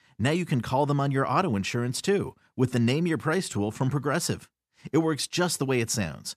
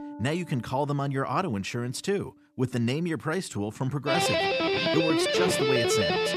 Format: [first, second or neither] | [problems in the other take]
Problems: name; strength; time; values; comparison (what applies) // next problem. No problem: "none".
first | background music; very loud; throughout; 5 dB above the speech